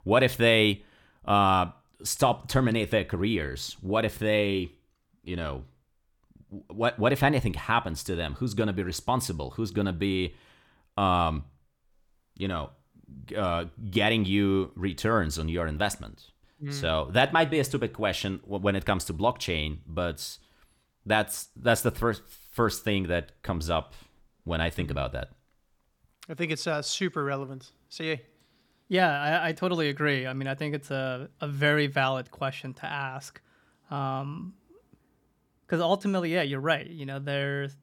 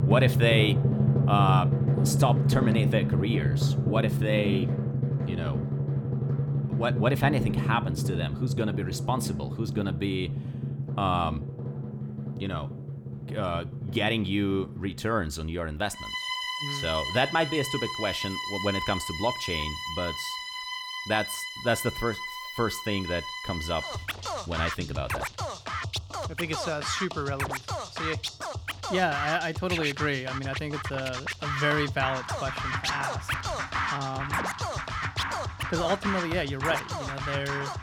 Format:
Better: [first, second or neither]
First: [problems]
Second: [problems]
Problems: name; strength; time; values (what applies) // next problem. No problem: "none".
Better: first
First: none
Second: background music; loud; throughout; as loud as the speech